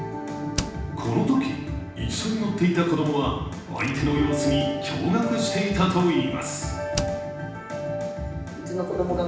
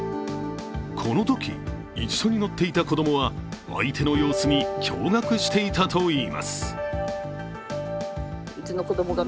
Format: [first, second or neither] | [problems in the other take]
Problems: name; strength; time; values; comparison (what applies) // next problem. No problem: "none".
second | background sound (Slam); 16 dB below the speech // room echo; dies away in 0.9 s